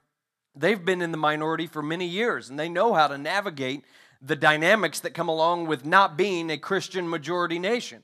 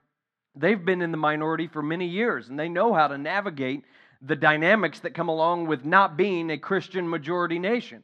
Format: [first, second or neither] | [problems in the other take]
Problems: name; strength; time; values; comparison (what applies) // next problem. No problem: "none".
first | muffled; slightly; fading above 2.5 kHz